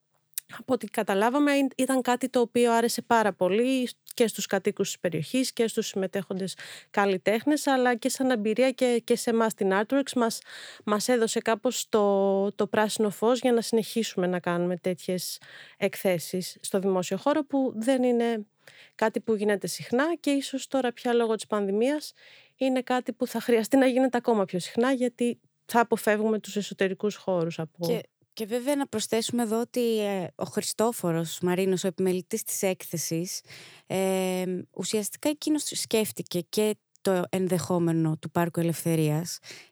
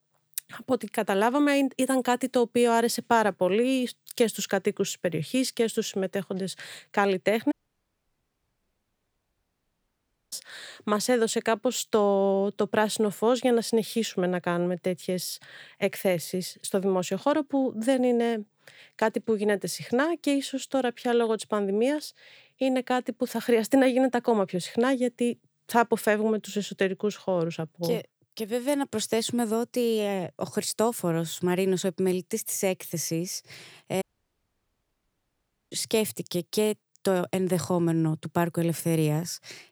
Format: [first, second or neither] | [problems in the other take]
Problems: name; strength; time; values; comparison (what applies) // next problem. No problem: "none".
first | audio cutting out; at 7.5 s for 3 s and at 34 s for 1.5 s